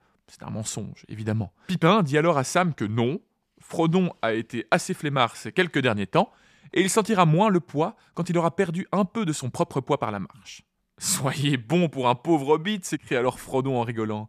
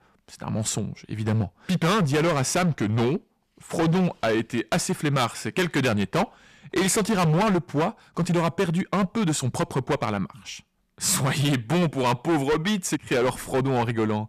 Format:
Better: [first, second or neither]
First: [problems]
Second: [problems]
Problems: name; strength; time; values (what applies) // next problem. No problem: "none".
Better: first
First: none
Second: distortion; heavy; 17% of the sound clipped